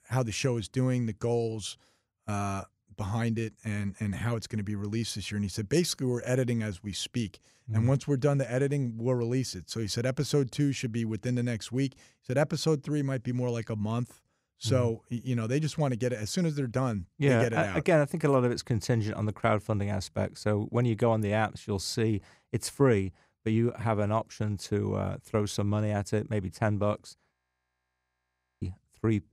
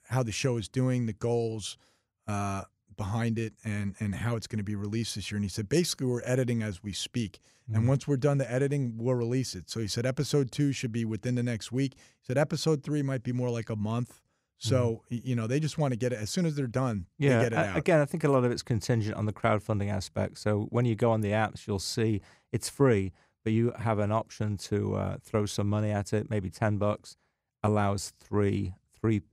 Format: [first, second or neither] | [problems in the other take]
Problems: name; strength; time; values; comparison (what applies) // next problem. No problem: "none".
second | audio freezing; at 27 s for 1.5 s